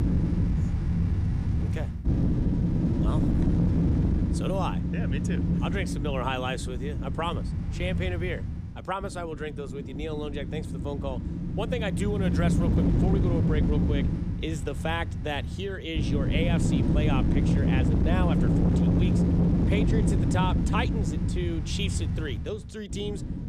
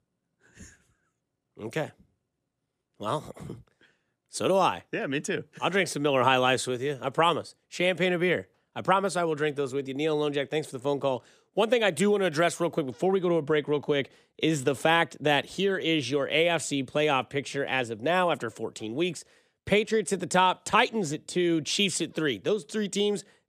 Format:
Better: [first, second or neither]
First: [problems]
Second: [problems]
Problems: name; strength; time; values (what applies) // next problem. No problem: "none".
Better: second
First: wind noise on the microphone; heavy; 1 dB below the speech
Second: none